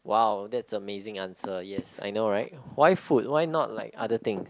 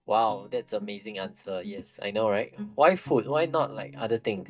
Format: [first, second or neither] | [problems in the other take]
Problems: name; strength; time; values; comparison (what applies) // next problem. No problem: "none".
first | noise reduction (neural mask model DeepFilterNet 3)